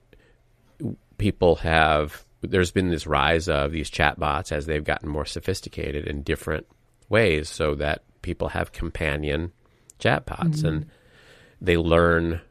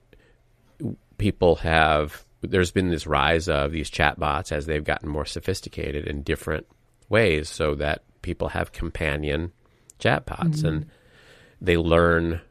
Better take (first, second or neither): neither